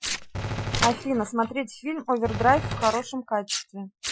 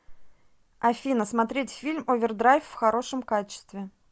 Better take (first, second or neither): second